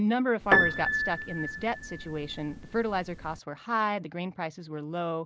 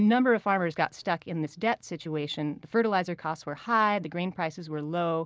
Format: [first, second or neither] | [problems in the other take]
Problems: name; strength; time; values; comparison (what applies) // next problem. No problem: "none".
second | background sound (Piano); as loud as the speech